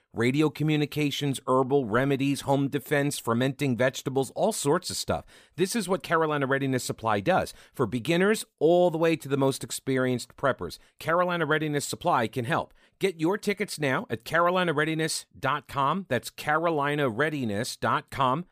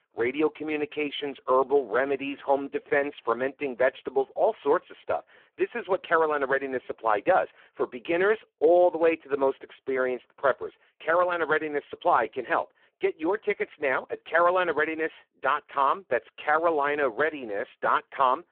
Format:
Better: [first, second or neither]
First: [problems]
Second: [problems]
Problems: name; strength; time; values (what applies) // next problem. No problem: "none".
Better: first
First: none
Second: phone-call audio; poor line